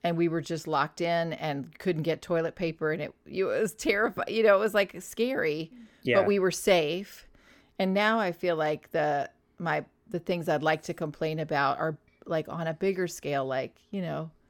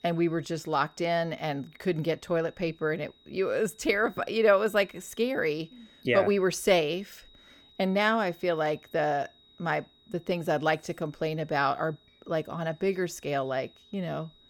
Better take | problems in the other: first | high-pitched whine; faint; throughout; 4 kHz, 30 dB below the speech

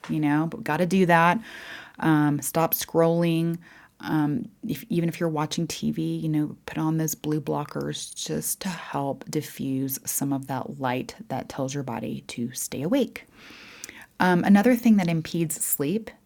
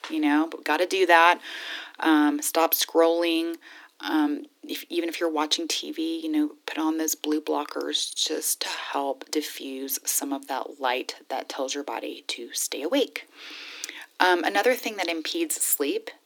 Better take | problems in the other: first | thin; somewhat; fading below 300 Hz

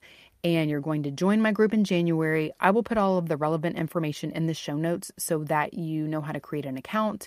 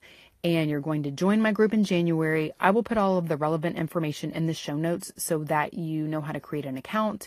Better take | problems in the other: first | garbled, watery; slightly; nothing above 15.5 kHz

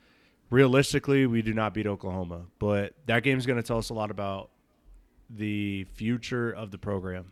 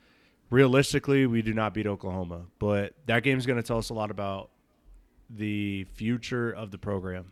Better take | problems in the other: neither | none

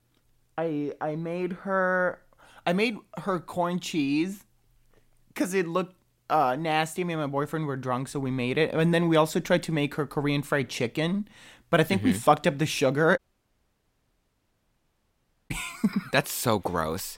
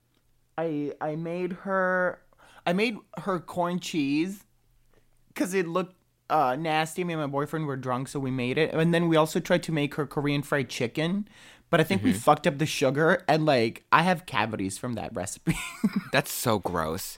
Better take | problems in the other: second | audio cutting out; at 13 s for 2.5 s

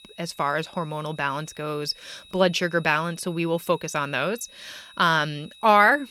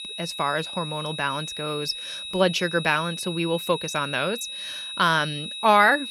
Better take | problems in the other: first | high-pitched whine; loud; throughout; 4 kHz, 8 dB below the speech; faint in the first

